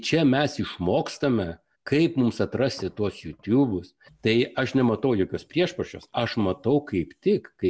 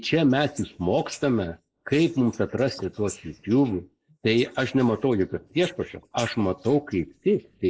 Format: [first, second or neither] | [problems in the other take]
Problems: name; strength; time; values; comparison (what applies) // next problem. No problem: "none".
first | noise reduction (neural mask model Resemble Enhance denoiser)